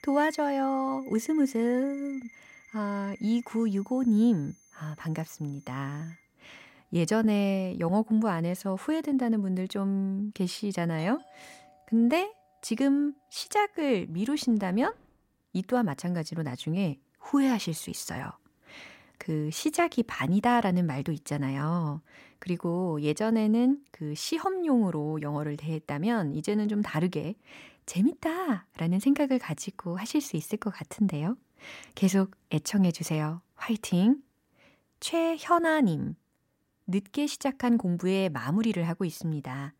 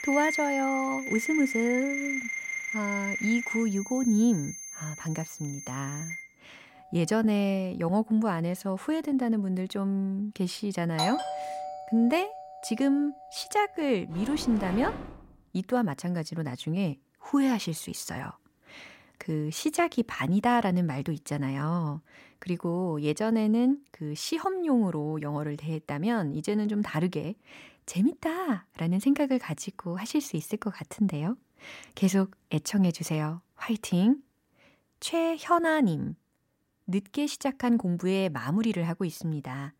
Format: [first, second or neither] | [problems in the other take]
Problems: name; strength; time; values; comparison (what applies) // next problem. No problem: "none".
first | alarms or sirens; loud; until 15 s; 5 dB below the speech; faint in the first